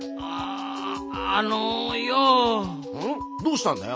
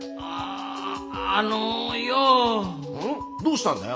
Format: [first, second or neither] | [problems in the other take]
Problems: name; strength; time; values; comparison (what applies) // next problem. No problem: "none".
first | background sound (Brass instrument); 19 dB below the speech // room echo; dies away in 0.7 s